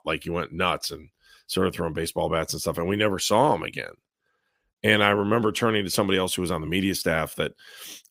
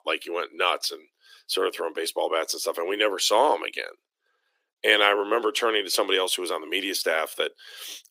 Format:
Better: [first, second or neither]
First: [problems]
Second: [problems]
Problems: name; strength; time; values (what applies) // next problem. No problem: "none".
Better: first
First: none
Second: thin; very; fading below 350 Hz